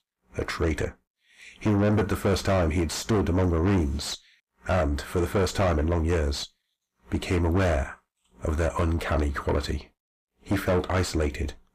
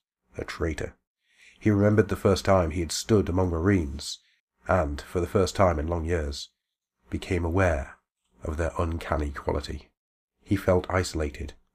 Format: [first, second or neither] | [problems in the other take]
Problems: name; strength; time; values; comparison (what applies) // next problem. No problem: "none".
second | distortion; heavy; 6 dB below the speech